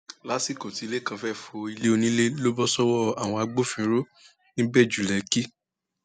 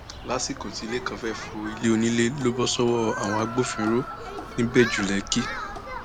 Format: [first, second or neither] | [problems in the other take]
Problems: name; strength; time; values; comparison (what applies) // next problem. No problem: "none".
first | background sound (Human group actions); 9 dB below the speech